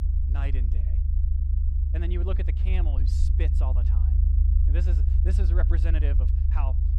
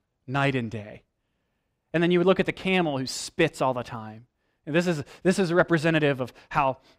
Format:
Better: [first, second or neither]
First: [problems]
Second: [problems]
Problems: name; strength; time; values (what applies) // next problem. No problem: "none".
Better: second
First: low rumble; loud; throughout; 2 dB below the speech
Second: none